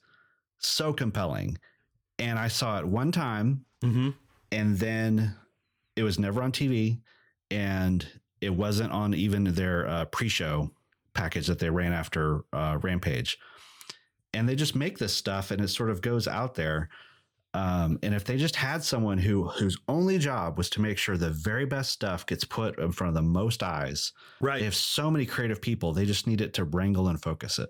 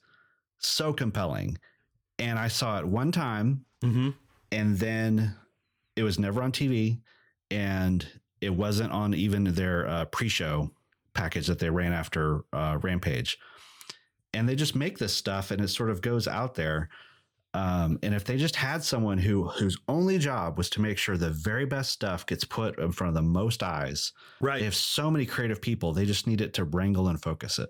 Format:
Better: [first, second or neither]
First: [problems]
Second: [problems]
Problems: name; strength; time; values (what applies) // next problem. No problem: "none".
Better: neither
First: none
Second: none